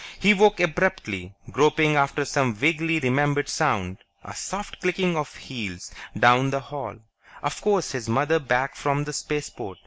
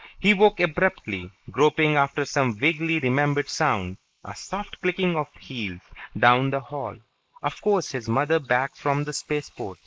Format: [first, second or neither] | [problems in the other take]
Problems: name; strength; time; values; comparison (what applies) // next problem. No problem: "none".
first | noise reduction (neural mask model Resemble Enhance denoiser)